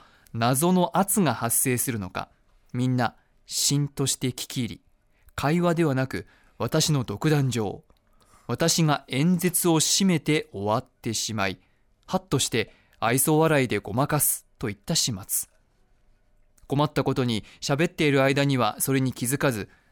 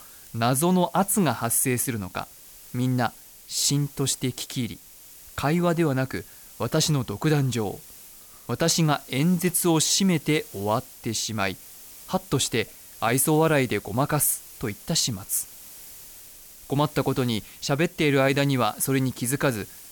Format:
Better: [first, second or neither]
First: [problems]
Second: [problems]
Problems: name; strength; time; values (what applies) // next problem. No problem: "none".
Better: first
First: none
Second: hiss; noticeable; throughout; 20 dB below the speech